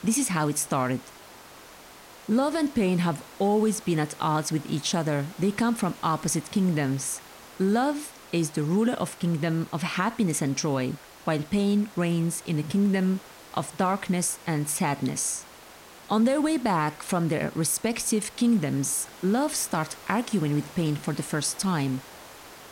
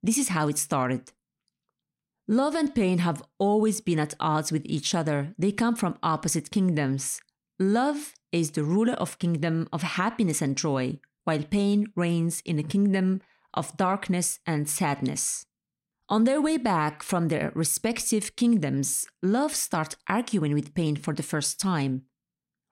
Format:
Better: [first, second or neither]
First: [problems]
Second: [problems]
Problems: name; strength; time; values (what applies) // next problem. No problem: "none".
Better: second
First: hiss; noticeable; throughout; 20 dB below the speech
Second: none